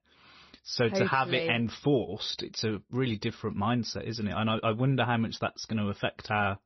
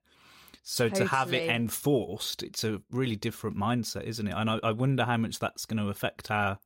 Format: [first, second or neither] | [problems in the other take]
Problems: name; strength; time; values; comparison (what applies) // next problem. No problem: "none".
second | garbled, watery; slightly; nothing above 6 kHz